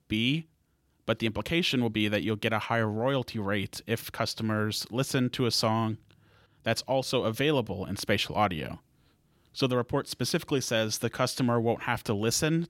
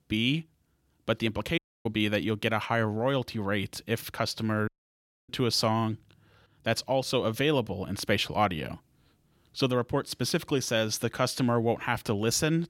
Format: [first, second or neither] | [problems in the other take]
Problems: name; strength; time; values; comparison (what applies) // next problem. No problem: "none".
first | audio cutting out; at 1.5 s and at 4.5 s for 0.5 s